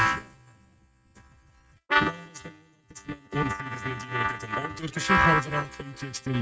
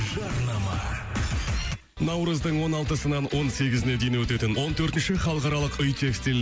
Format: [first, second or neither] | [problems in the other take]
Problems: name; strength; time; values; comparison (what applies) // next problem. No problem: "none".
second | noise reduction (neural mask model RNNoise)